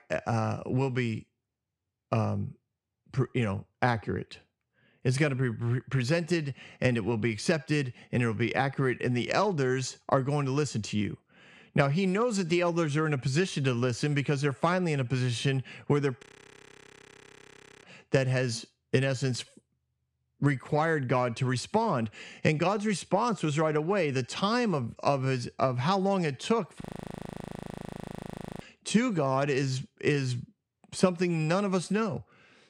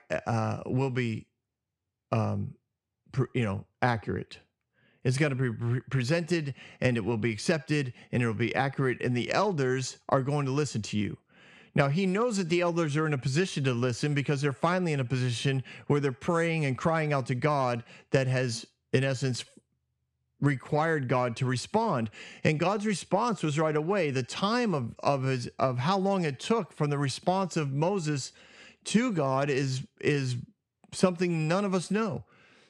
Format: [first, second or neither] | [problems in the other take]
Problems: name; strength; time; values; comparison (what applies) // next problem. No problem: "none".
second | audio freezing; at 16 s for 1.5 s and at 27 s for 2 s